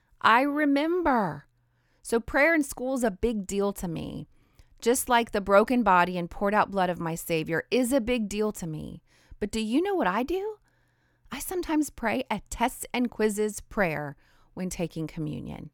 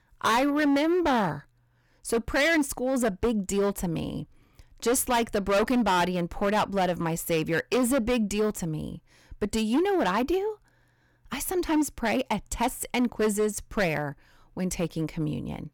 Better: first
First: none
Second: distortion; heavy; 10% of the sound clipped

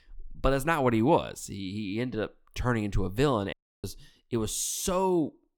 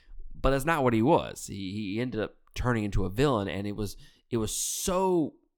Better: second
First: audio cutting out; at 3.5 s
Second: none

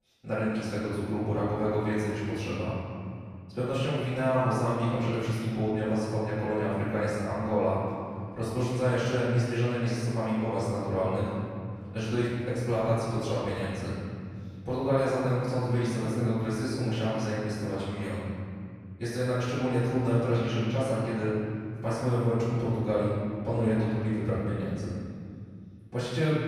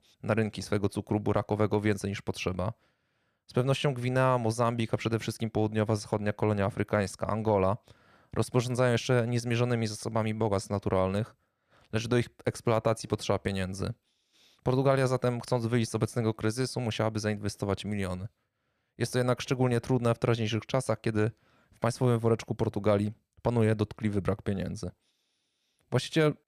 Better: second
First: room echo; strong; dies away in 2.3 s // off-mic speech; far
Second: none

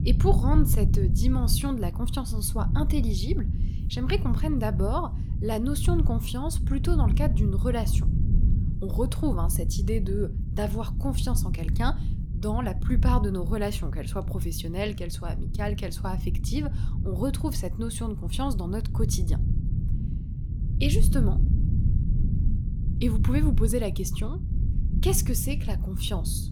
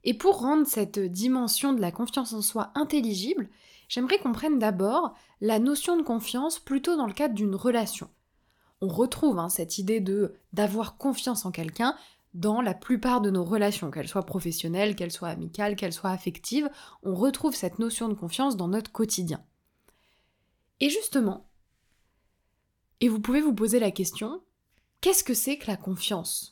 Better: second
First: low rumble; loud; throughout; 9 dB below the speech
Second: none

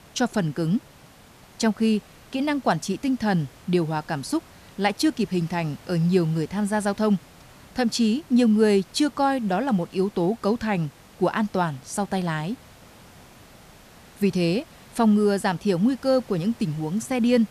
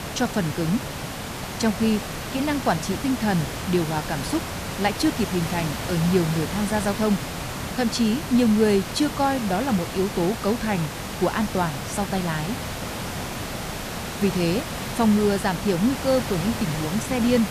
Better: first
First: hiss; faint; throughout; 25 dB below the speech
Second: hiss; loud; throughout; 6 dB below the speech

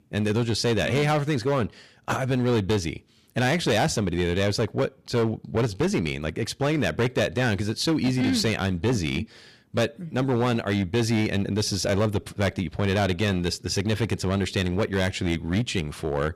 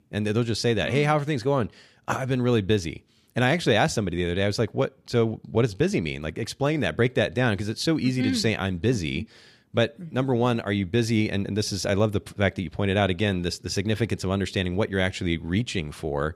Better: second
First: distortion; slight; 11% of the sound clipped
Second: none

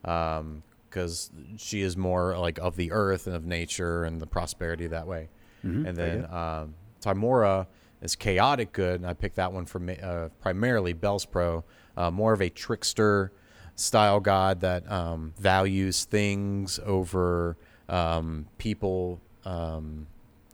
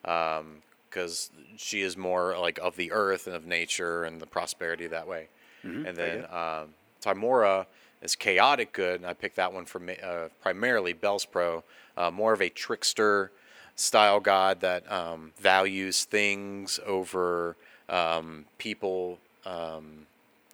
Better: first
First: none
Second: thin; somewhat; fading below 350 Hz

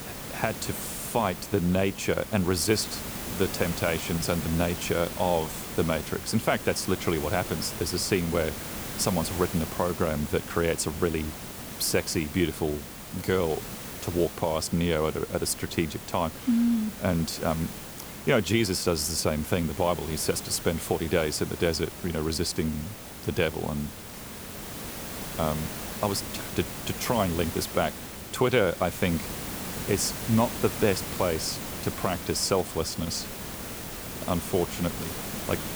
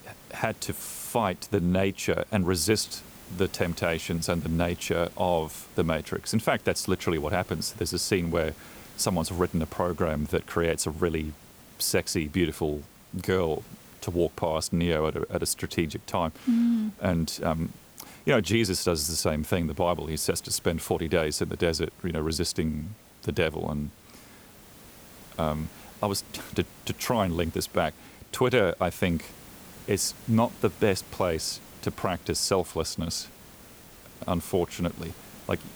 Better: second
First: hiss; loud; throughout; 8 dB below the speech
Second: hiss; faint; throughout; 20 dB below the speech

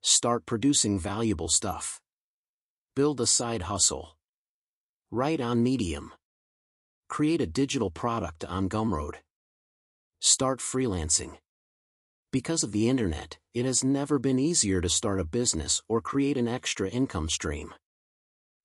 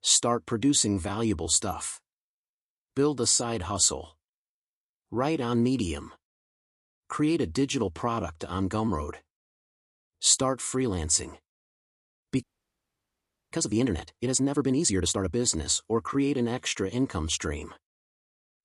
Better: first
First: none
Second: audio freezing; at 12 s for 1 s

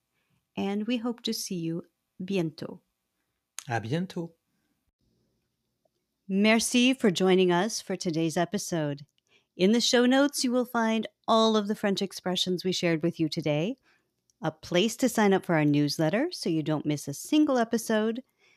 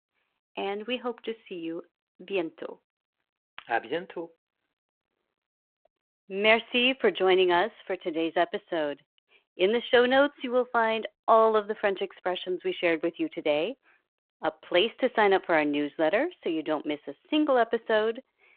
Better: first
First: none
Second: phone-call audio

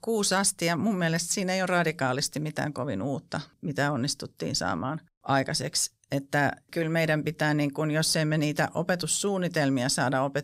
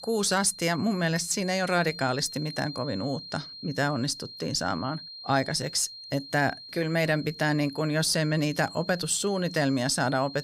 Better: first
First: none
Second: high-pitched whine; noticeable; throughout; 4 kHz, 15 dB below the speech

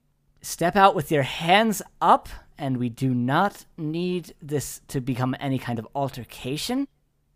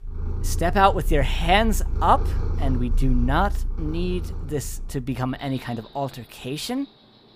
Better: first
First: none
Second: animal sounds; loud; throughout; 4 dB below the speech

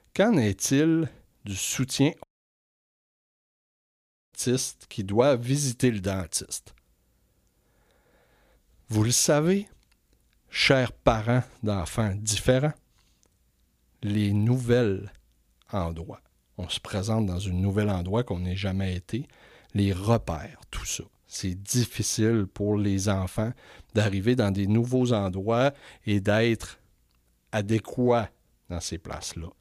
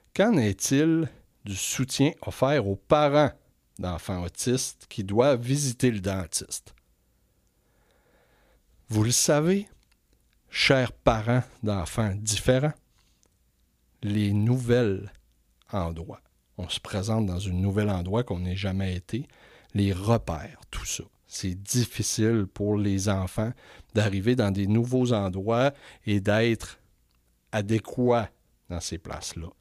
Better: second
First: audio cutting out; at 2 s for 2 s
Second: none

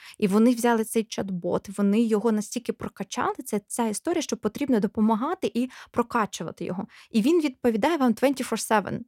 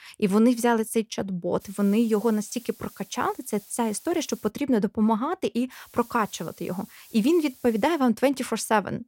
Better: first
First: none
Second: hiss; faint; from 1.5 to 4.5 s and from 5.5 to 8 s; 25 dB below the speech

